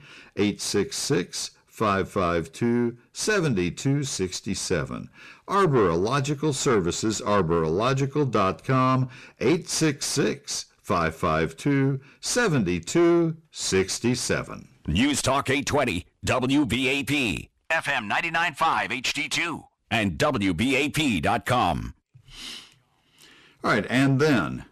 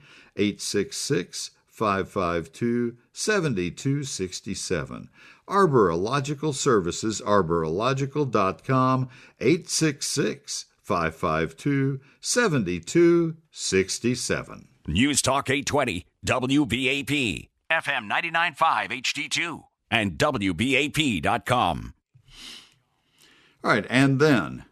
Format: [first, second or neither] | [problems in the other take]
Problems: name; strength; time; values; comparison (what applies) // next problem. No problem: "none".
second | distortion; slight; 10 dB below the speech